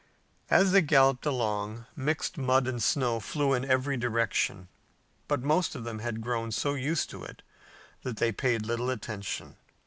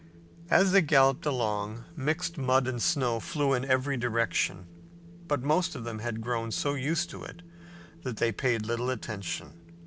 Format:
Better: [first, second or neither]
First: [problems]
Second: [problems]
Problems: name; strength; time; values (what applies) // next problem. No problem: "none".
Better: first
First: none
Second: background sound (Wind); 19 dB below the speech